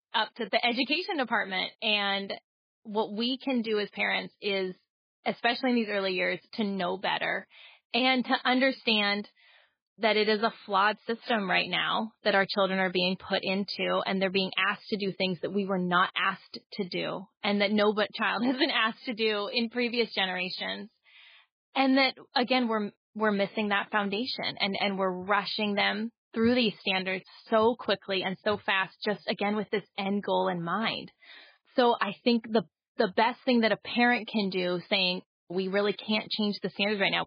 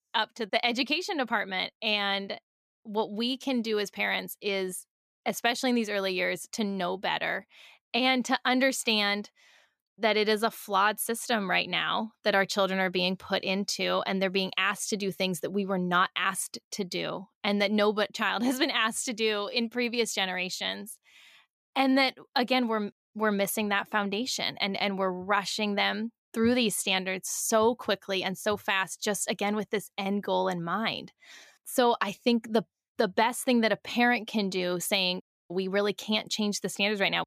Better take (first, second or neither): second